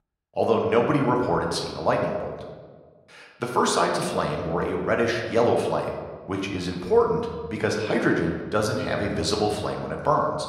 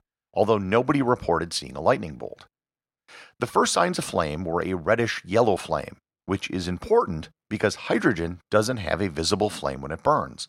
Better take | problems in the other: second | room echo; slight; dies away in 1.2 s

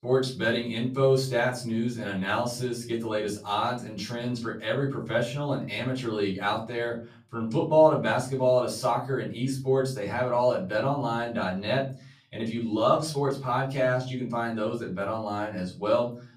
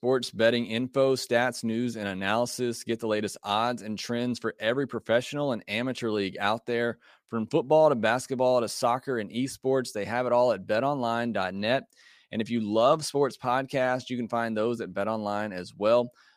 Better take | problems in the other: second | off-mic speech; far // room echo; slight; dies away in 0.4 s

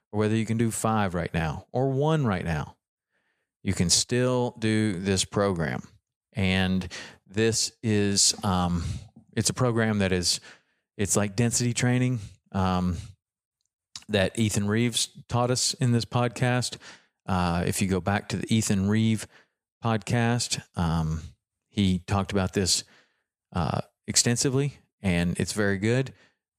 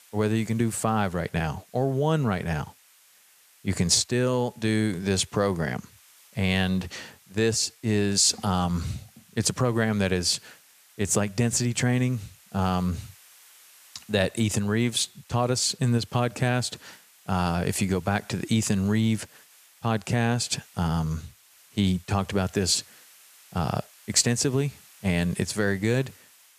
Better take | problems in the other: first | hiss; faint; throughout; 25 dB below the speech

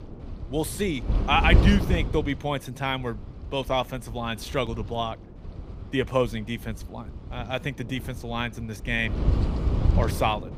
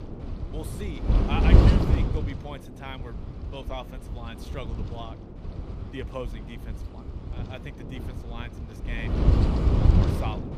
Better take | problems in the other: first | wind noise on the microphone; heavy; 4 dB above the speech; occasional gusts in the first

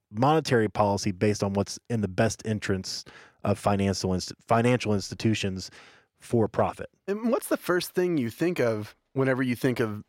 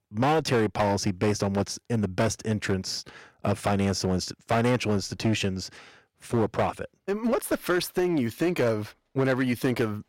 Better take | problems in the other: first | distortion; slight; 10% of the sound clipped

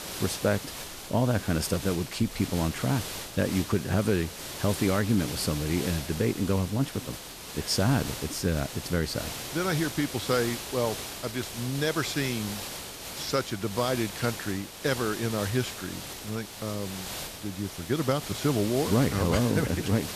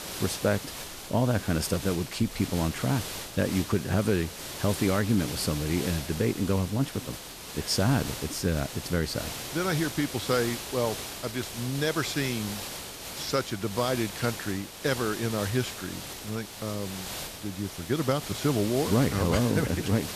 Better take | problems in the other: neither | hiss; loud; throughout; 8 dB below the speech; the same in both

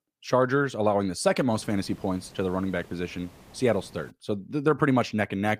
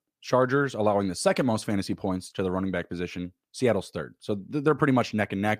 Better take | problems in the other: second | hiss; faint; from 1.5 to 4 s; 25 dB below the speech

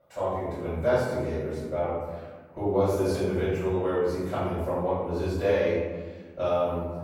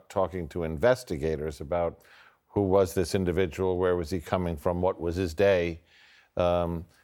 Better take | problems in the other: second | off-mic speech; far // room echo; strong; dies away in 1.3 s

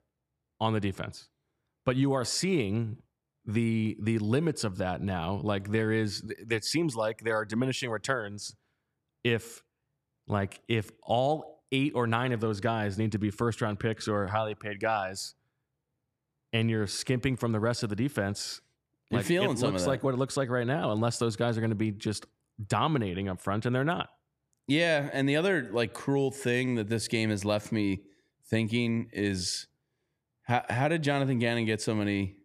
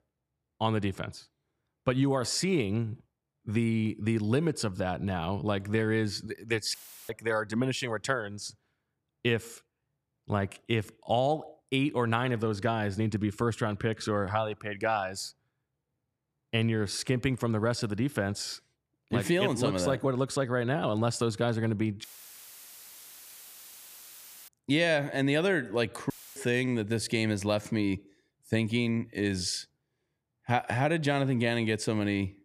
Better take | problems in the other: first | audio cutting out; filled with static; at 6.5 s, at 22 s for 2.5 s and at 26 s

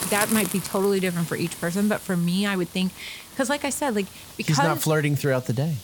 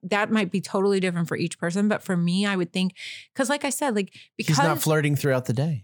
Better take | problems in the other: second | hiss; noticeable; throughout; 10 dB below the speech

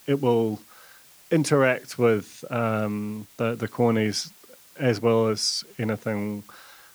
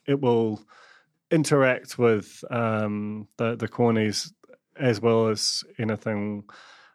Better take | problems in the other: second | hiss; faint; throughout; 25 dB below the speech

